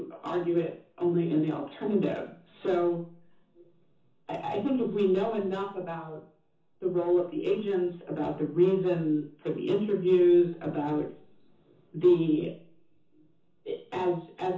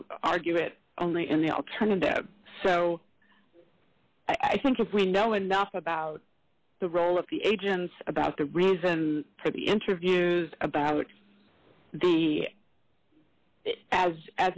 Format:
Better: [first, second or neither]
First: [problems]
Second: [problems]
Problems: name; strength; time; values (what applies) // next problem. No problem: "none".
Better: second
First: room echo; dies away in 0.6 s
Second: none